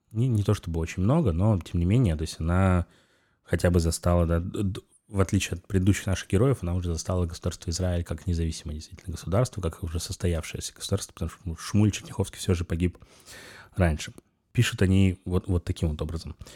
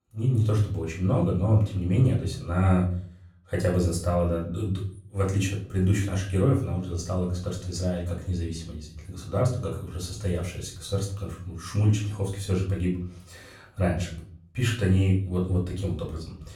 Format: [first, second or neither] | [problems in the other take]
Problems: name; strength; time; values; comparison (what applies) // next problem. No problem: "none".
first | off-mic speech; far // room echo; slight; dies away in 0.5 s